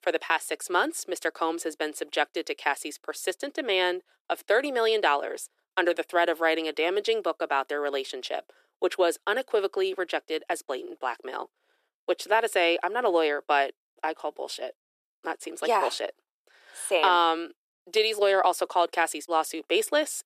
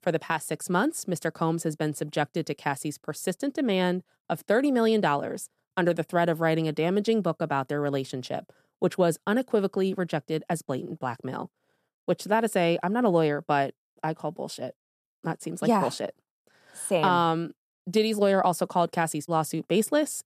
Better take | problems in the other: second | thin; very; fading below 350 Hz

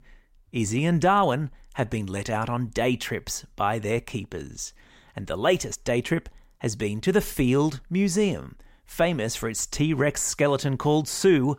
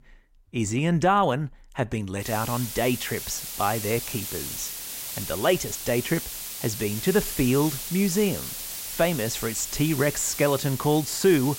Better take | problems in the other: first | hiss; loud; from 2 s on; 7 dB below the speech

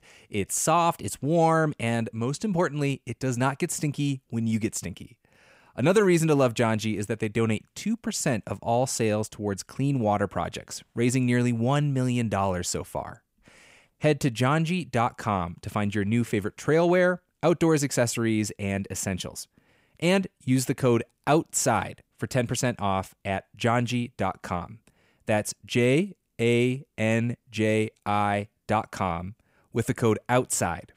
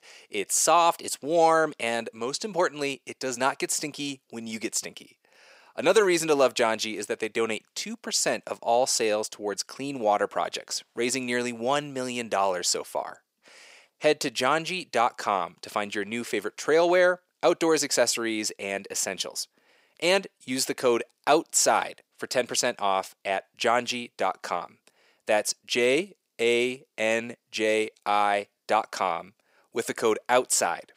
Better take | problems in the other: first | thin; somewhat; fading below 450 Hz

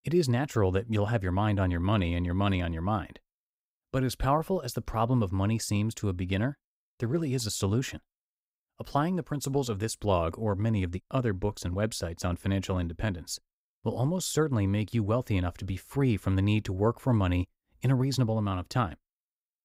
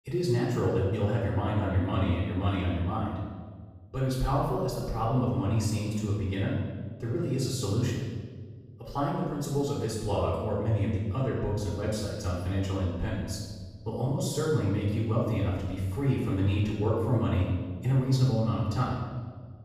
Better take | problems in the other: first | off-mic speech; far // room echo; noticeable; dies away in 1.3 s

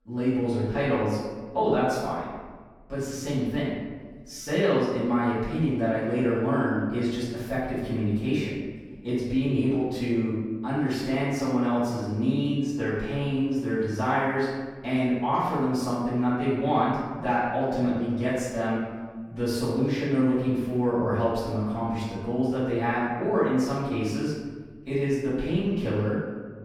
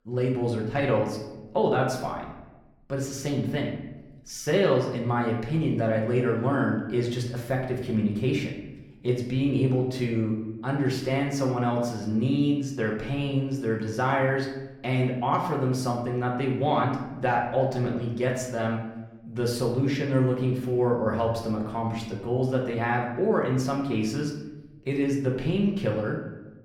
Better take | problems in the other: second | room echo; strong; dies away in 1.3 s; slight in the second // off-mic speech; far; somewhat distant in the second

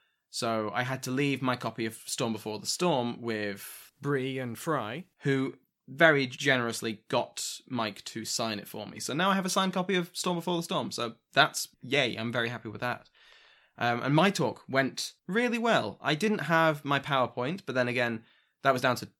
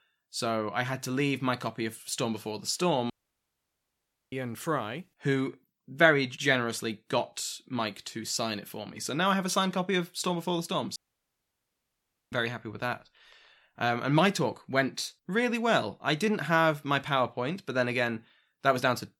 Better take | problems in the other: first | audio cutting out; at 3 s for 1 s and at 11 s for 1.5 s

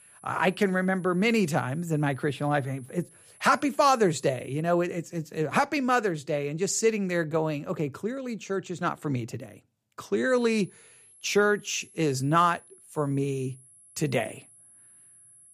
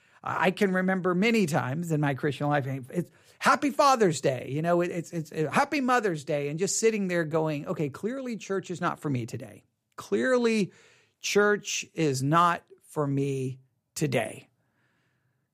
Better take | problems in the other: second | high-pitched whine; faint; until 4.5 s and from 10 s on; 11 kHz, 25 dB below the speech

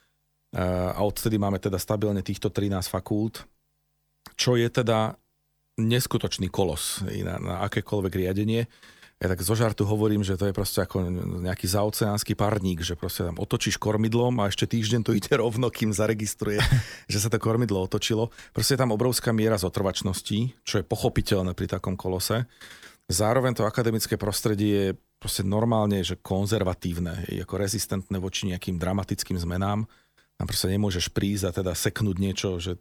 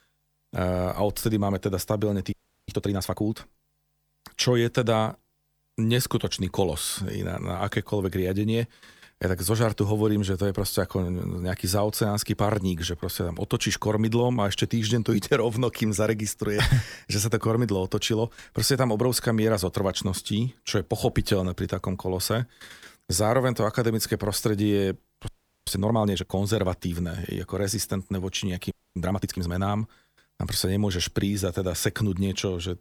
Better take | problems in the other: first | audio freezing; at 2.5 s, at 25 s and at 29 s

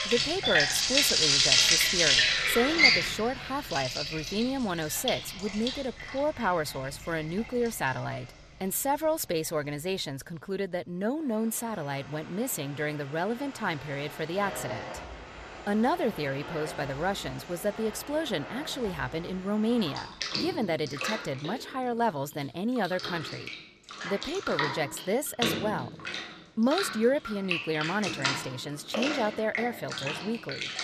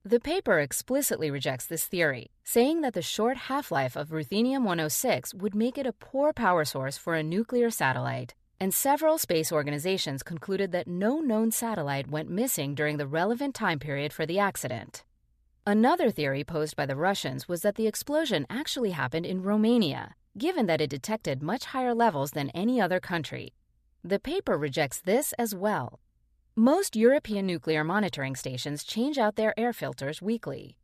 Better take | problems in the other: second | household noises; very loud; throughout; 4 dB above the speech

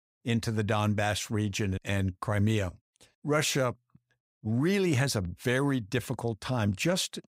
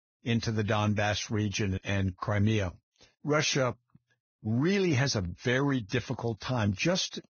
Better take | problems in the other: first | garbled, watery; badly; nothing above 6.5 kHz

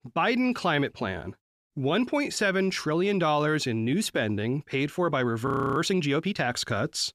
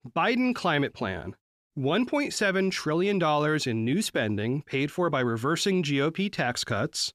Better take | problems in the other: second | audio freezing; at 5.5 s

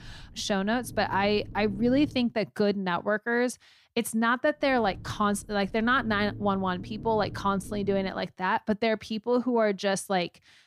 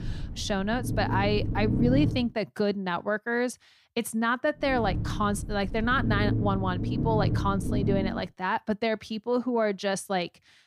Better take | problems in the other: first | low rumble; loud; until 2 s and from 4.5 to 8 s; 10 dB below the speech; faint in the first

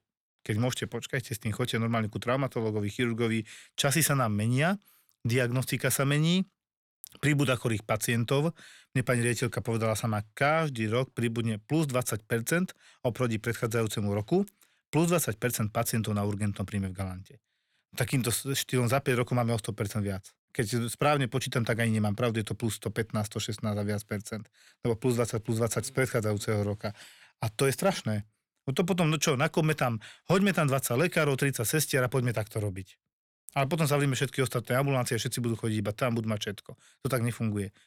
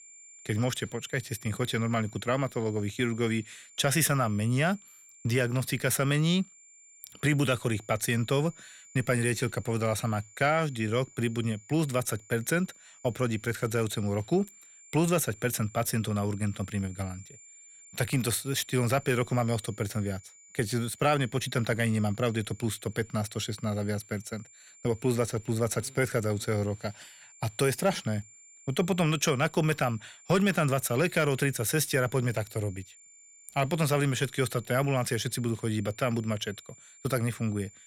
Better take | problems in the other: first | high-pitched whine; faint; throughout; 7 kHz, 20 dB below the speech

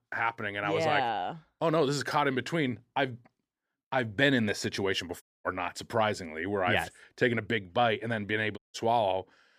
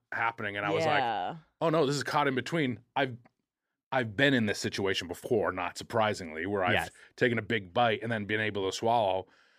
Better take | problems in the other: second | audio cutting out; at 5 s and at 8.5 s

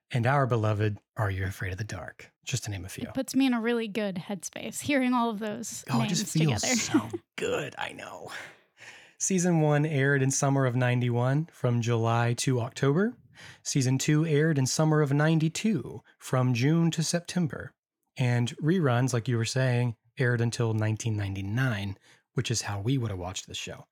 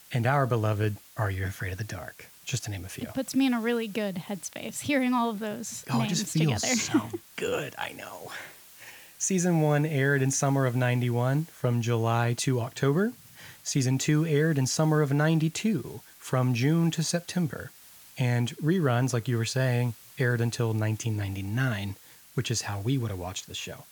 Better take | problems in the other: first | hiss; faint; throughout; 20 dB below the speech

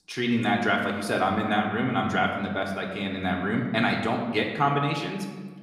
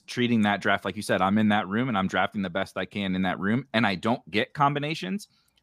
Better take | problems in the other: second | room echo; slight; dies away in 1.1 s // off-mic speech; somewhat distant

